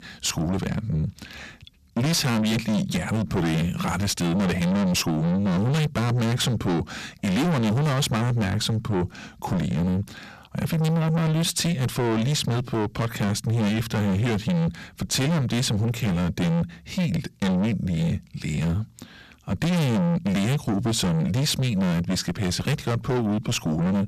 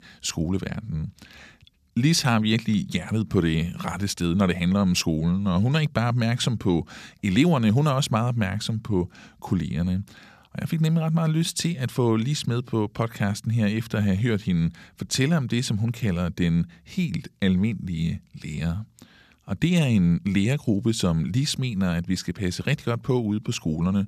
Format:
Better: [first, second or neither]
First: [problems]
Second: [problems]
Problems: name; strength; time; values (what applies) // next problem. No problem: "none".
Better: second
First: distortion; heavy; 6 dB below the speech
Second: none